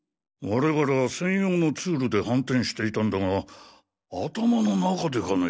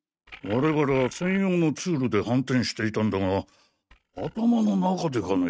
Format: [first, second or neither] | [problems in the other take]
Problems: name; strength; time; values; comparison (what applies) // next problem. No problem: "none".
first | noise reduction (neural mask model RNNoise)